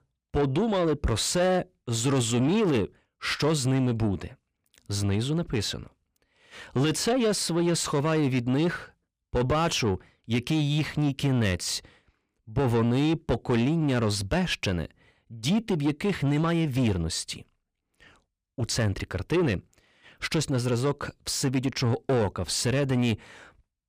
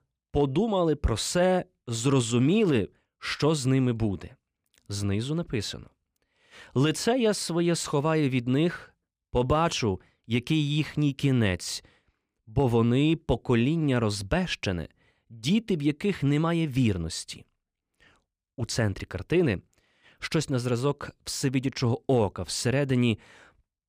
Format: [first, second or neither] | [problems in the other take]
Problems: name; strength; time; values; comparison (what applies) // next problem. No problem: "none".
second | distortion; slight; 10 dB below the speech